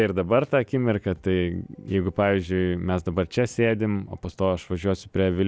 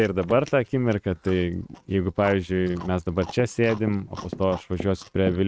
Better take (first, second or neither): first